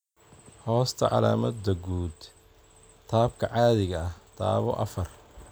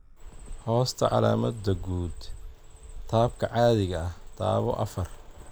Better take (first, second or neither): first